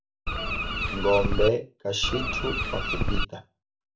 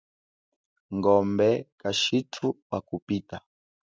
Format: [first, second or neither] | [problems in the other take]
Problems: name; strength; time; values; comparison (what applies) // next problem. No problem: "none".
second | background sound (Bird); 2 dB above the speech // room echo; dies away in 0.2 s